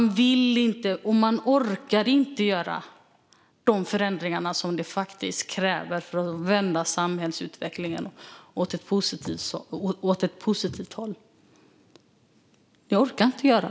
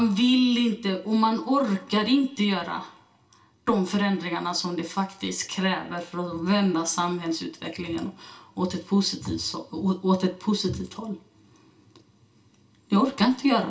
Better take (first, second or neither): first